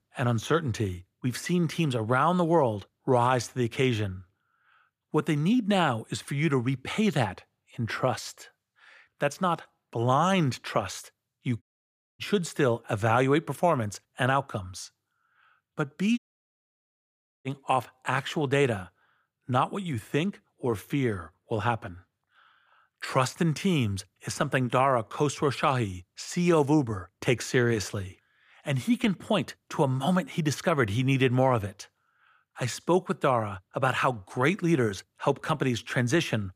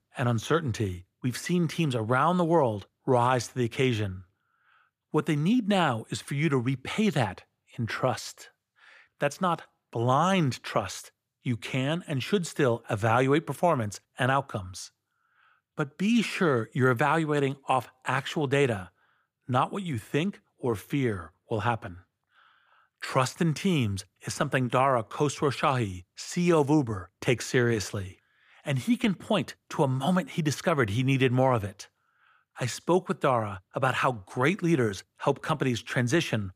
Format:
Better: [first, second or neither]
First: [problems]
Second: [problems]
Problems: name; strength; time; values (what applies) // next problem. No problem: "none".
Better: second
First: audio cutting out; at 12 s for 0.5 s and at 16 s for 1.5 s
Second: none